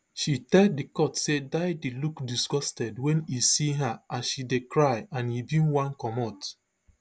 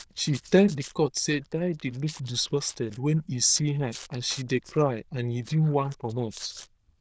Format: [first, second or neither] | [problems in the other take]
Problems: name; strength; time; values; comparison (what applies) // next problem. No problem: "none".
first | noise reduction (neural diffusion model UNIVERSE++)